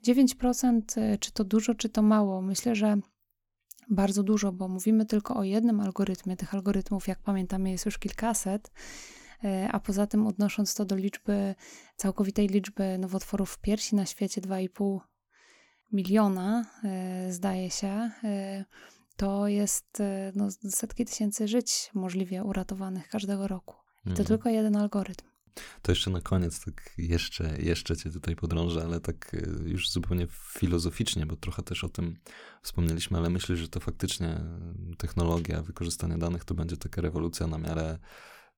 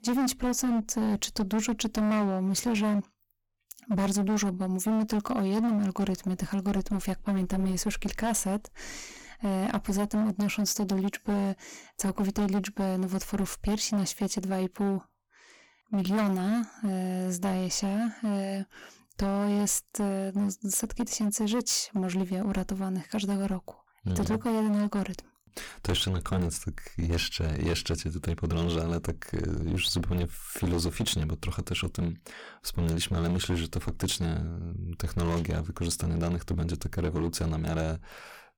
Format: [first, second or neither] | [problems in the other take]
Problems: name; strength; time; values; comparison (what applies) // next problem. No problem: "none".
first | distortion; heavy; 15% of the sound clipped